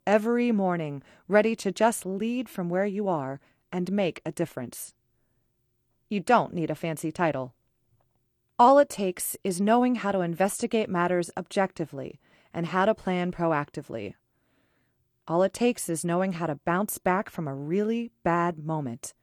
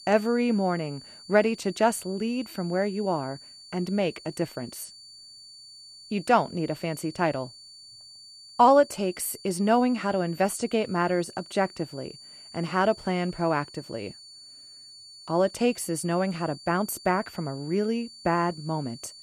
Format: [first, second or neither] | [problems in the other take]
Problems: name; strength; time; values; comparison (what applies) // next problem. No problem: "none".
first | high-pitched whine; noticeable; throughout; 4.5 kHz, 20 dB below the speech